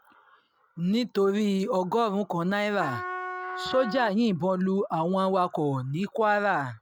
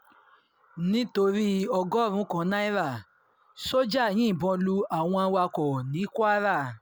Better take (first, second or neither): second